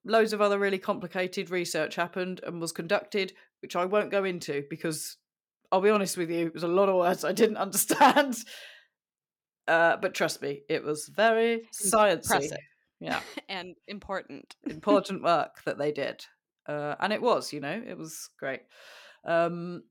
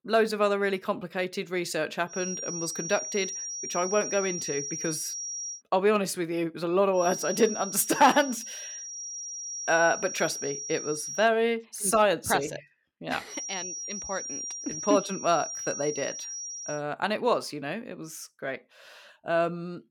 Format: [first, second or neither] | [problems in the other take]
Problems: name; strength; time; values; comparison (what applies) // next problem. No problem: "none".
first | high-pitched whine; loud; from 2 to 5.5 s, from 7 to 11 s and from 13 to 17 s; 5.5 kHz, 6 dB below the speech